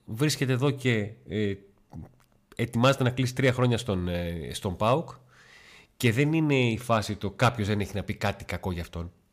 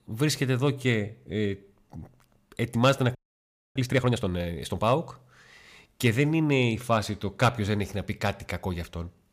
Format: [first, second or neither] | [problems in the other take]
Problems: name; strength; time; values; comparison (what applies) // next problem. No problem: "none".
first | audio freezing; at 3 s for 0.5 s